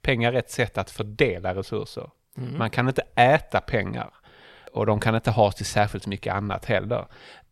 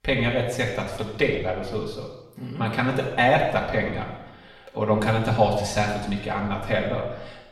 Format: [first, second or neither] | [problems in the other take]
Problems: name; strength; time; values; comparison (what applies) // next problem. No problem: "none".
first | room echo; noticeable; dies away in 0.9 s // off-mic speech; far